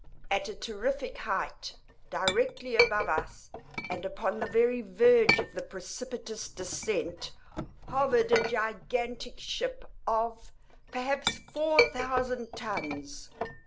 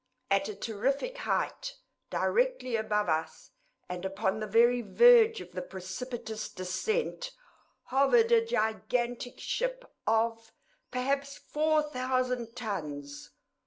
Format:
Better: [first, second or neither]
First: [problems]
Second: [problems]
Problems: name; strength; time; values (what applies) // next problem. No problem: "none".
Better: second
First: background sound (Chink, clink); 4 dB below the speech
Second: none